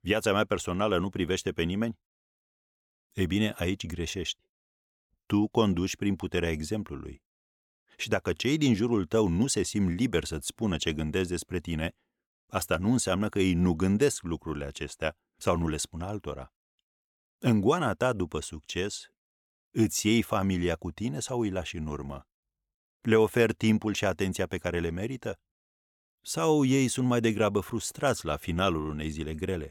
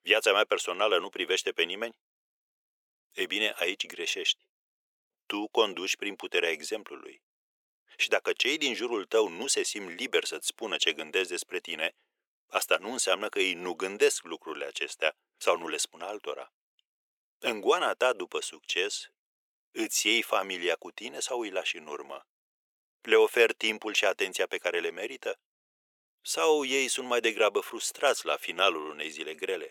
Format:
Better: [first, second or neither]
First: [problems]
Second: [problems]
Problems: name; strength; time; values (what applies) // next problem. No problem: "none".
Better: first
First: none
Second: thin; very; fading below 400 Hz